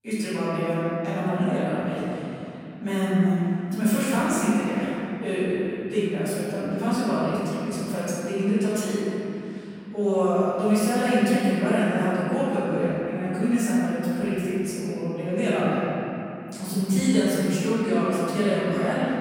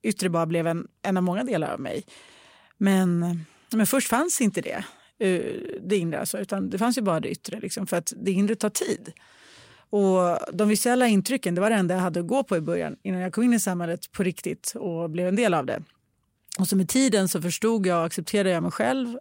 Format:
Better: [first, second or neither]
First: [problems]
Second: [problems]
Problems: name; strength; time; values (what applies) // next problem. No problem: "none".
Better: second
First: room echo; strong; dies away in 3 s // off-mic speech; far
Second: none